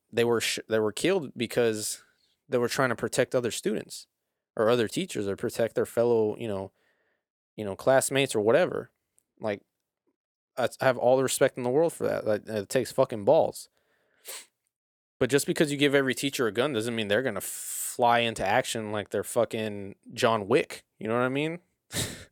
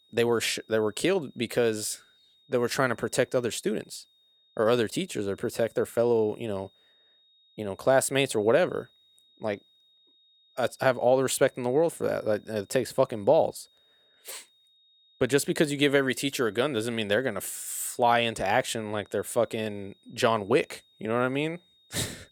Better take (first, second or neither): first